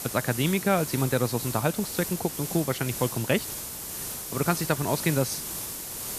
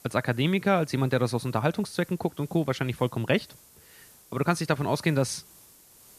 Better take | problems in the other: second | hiss; loud; throughout; 5 dB below the speech; faint in the second

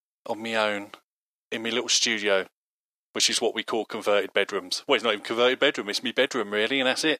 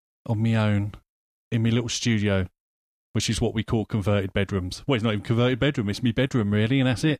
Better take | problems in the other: second | thin; very; fading below 400 Hz

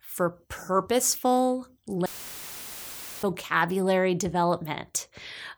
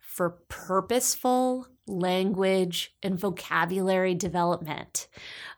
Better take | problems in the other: second | audio cutting out; filled with static; at 2 s for 1 s

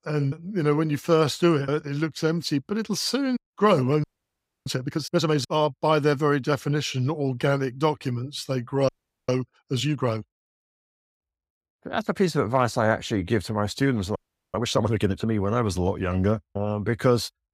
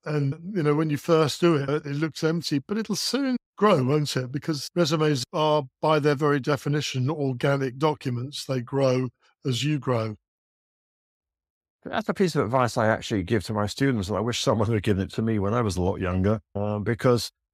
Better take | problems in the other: second | audio freezing; at 4 s for 0.5 s, at 9 s and at 14 s

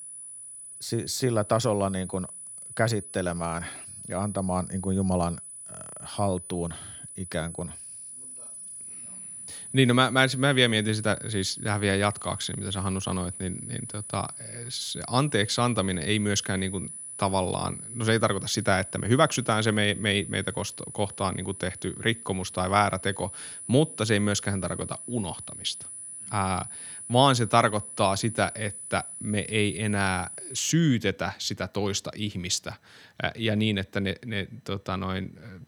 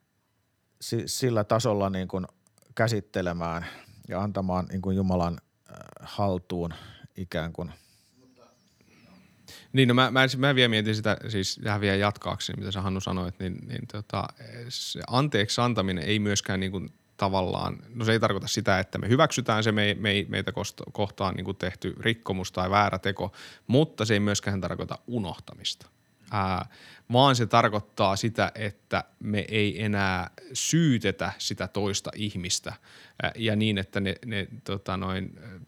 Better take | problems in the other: second | high-pitched whine; noticeable; until 31 s; 10 kHz, 10 dB below the speech

